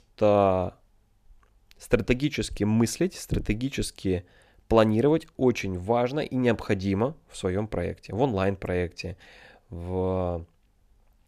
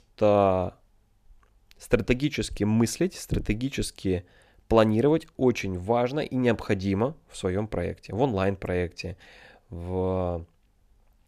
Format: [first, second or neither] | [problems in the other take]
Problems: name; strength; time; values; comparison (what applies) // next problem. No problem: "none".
neither | none